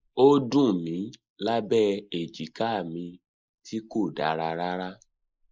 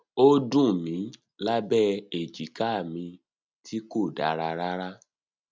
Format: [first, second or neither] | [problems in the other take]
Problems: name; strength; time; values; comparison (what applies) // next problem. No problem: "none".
second | noise reduction (neural mask model Resemble Enhance denoiser)